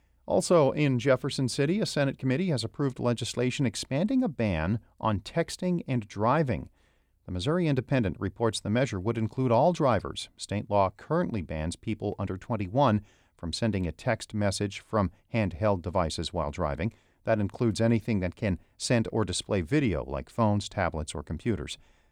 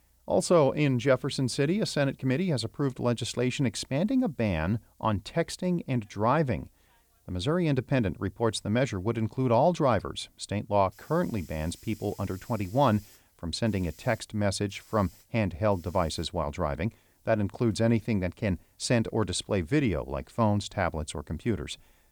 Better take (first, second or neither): first